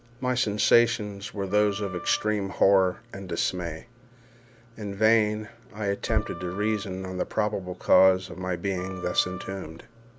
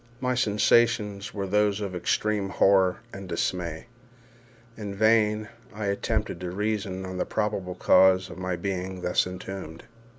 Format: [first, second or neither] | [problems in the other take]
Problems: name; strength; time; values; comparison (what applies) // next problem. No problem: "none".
second | background sound (Wind instrument, woodwind instrument); 16 dB below the speech